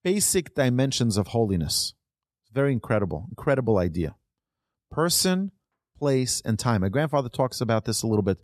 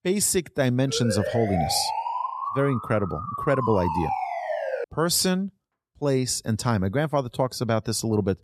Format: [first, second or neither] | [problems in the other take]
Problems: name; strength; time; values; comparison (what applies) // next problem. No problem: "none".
first | siren; noticeable; from 1 to 5 s; peak 3 dB below the speech